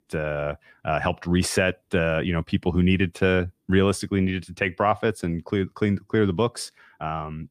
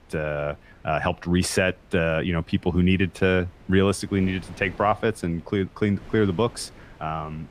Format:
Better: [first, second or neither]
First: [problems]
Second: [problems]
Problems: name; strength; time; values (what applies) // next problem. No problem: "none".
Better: first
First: none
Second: wind noise on the microphone; occasional gusts; 25 dB below the speech